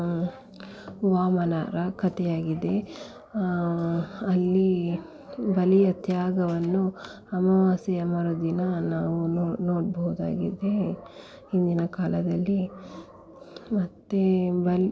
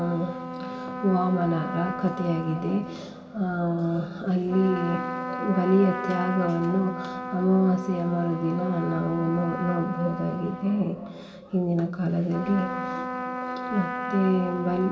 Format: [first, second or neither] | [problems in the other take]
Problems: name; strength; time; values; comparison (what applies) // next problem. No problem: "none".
first | background sound (Trumpet); 8 dB below the speech // room echo; dies away in 2.5 s